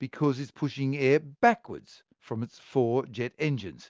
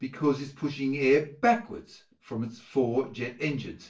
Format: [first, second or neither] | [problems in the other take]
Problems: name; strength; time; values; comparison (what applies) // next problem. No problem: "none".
first | room echo; dies away in 0.3 s